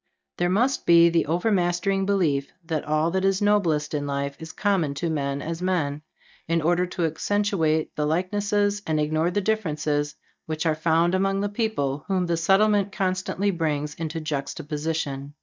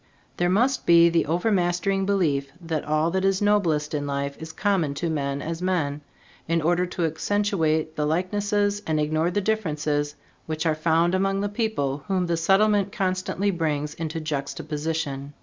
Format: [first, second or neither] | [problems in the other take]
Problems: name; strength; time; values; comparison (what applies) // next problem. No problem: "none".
second | noise reduction (neural mask model DeepFilterNet 3)